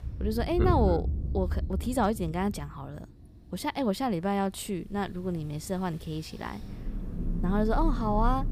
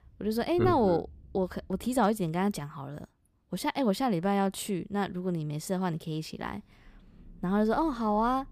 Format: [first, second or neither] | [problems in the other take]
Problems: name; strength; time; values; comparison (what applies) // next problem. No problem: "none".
second | rain or running water; loud; throughout; 3 dB below the speech; faint in the second